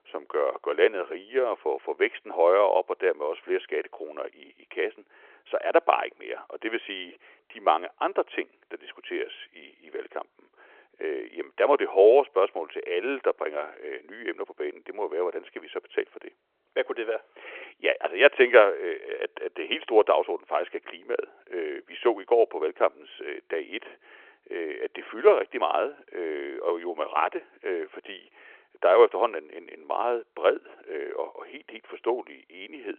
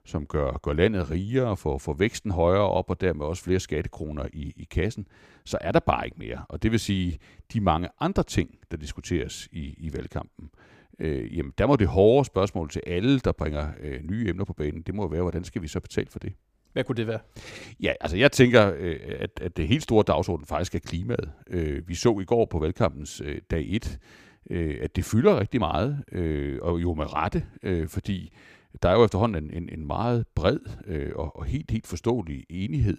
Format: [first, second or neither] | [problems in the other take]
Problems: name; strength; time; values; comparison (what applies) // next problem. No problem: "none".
second | phone-call audio